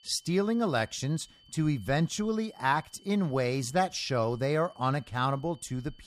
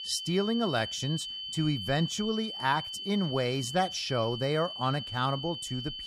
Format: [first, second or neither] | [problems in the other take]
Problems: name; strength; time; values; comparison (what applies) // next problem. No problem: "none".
first | high-pitched whine; loud; throughout; 3 kHz, 6 dB below the speech; faint in the first